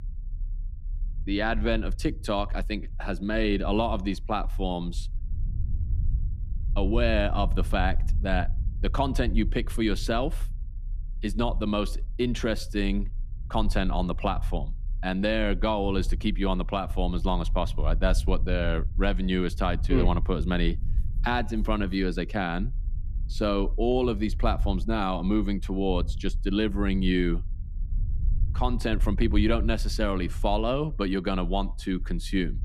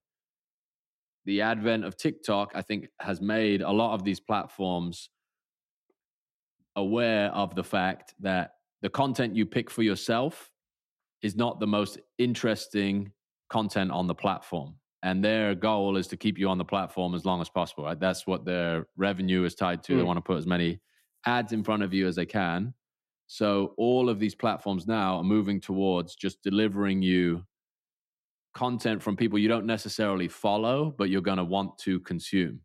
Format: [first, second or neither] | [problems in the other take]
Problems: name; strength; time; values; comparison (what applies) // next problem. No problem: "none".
second | low rumble; faint; throughout; 25 dB below the speech